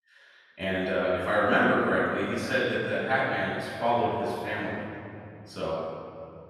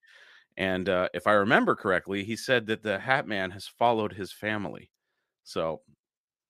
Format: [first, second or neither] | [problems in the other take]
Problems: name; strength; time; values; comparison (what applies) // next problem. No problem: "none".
second | room echo; strong; dies away in 2.8 s // off-mic speech; far